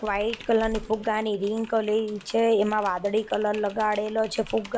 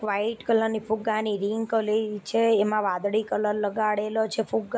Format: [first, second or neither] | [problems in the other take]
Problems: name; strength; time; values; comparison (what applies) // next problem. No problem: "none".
second | background sound (Typing); 18 dB below the speech